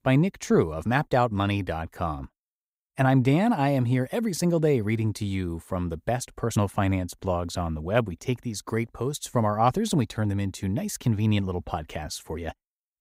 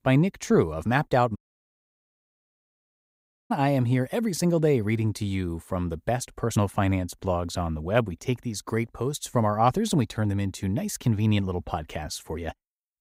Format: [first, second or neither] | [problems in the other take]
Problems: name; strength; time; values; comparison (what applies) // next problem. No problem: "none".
first | audio cutting out; at 1.5 s for 2 s